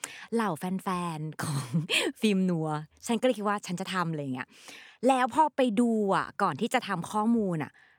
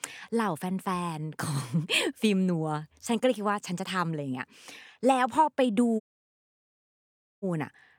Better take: first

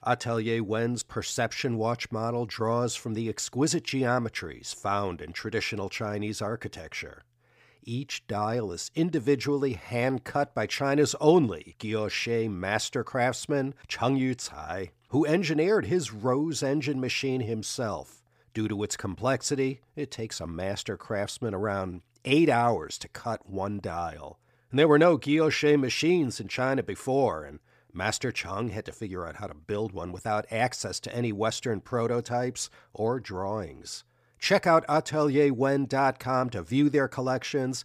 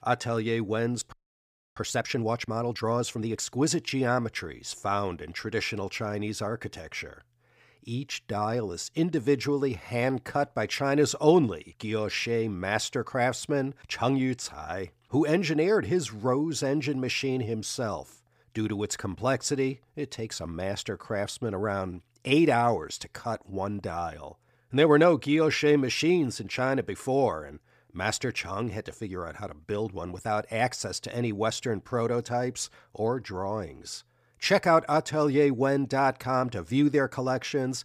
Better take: first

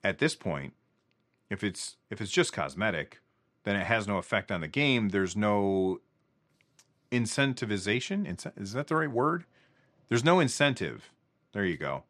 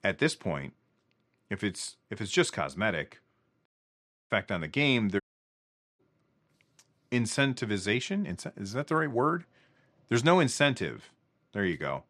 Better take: first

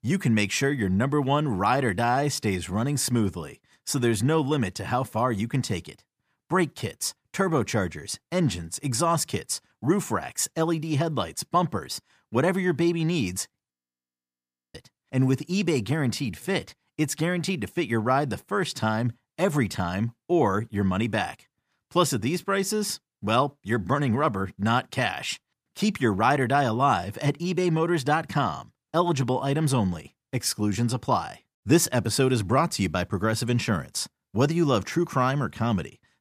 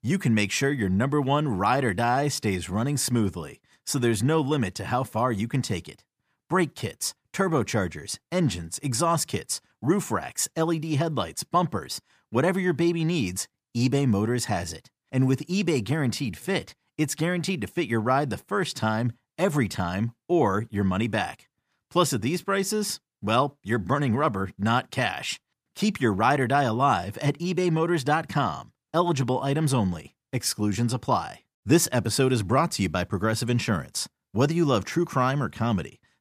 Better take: second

